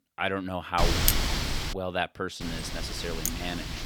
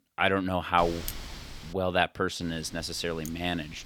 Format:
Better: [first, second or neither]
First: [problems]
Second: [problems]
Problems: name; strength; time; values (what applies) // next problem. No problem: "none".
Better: second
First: wind noise on the microphone; heavy; at 1 s and from 2.5 s on; 1 dB above the speech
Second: wind noise on the microphone; occasional gusts; at 1 s and from 2.5 s on; 15 dB below the speech